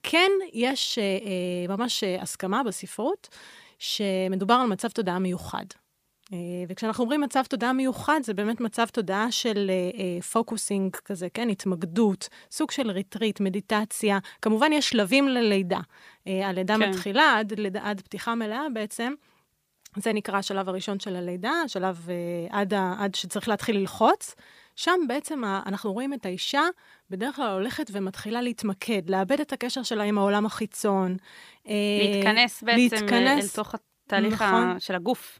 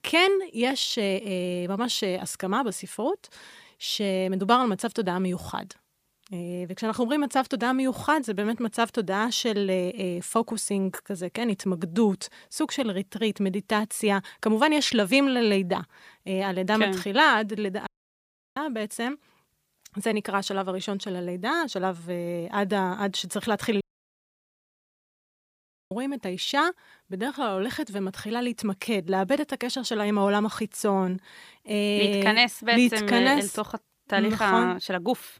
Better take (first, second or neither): first